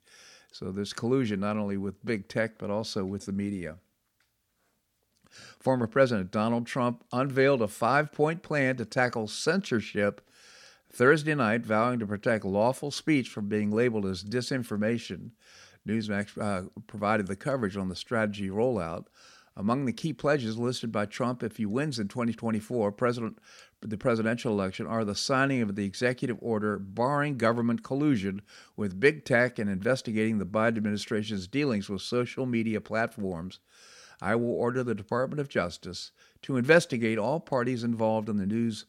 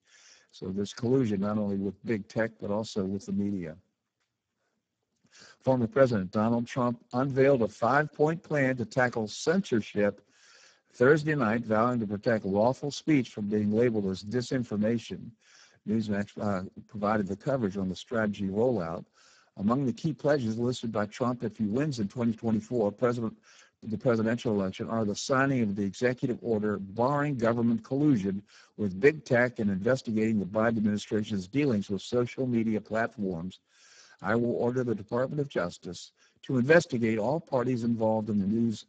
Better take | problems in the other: first | garbled, watery; badly; nothing above 7.5 kHz

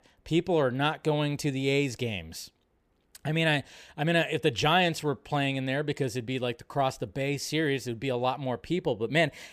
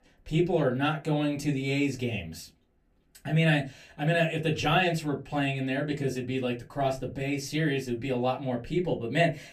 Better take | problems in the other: first | off-mic speech; far // room echo; very slight; dies away in 0.2 s

